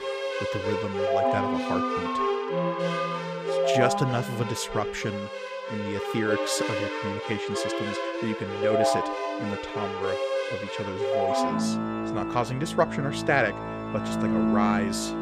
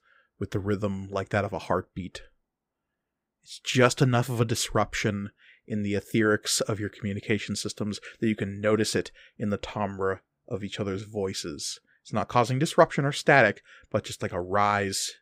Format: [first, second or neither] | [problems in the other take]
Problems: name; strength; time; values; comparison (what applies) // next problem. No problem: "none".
second | background music; very loud; throughout; 2 dB above the speech